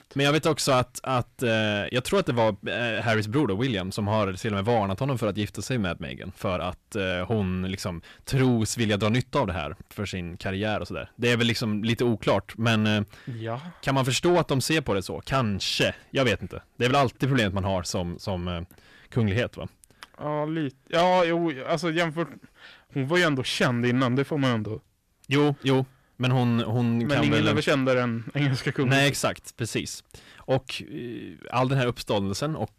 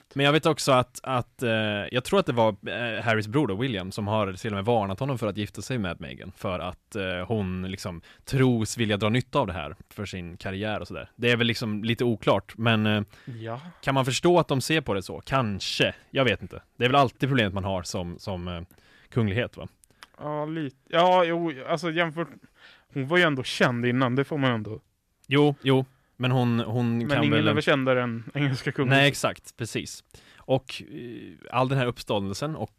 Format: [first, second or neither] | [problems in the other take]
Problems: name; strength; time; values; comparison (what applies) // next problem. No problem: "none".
second | distortion; slight; 10 dB below the speech